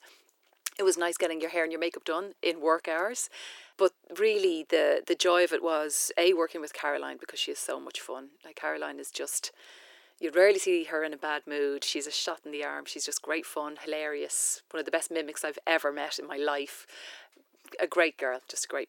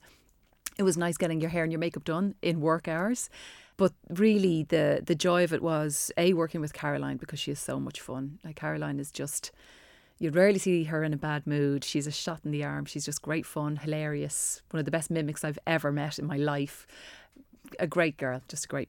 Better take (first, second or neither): second